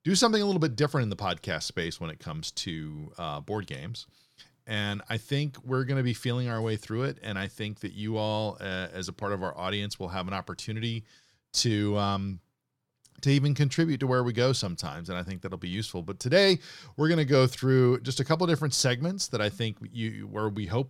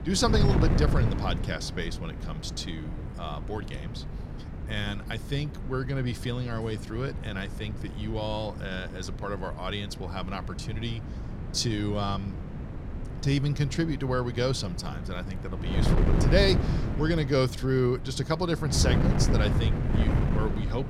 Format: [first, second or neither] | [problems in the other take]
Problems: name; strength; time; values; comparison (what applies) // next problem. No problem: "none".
first | wind noise on the microphone; heavy; 7 dB below the speech